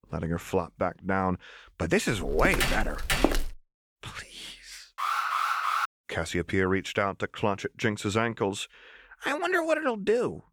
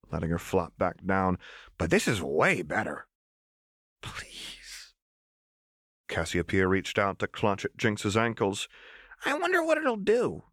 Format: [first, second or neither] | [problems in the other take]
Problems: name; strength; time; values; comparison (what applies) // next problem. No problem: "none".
second | footsteps; loud; from 2.5 to 3.5 s; peak 3 dB above the speech // alarm; loud; at 5 s; peak 2 dB above the speech